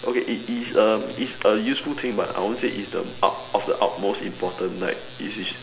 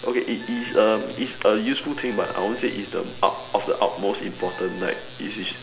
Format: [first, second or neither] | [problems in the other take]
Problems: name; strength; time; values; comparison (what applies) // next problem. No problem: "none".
first | background sound (Wind instrument, woodwind instrument); 18 dB below the speech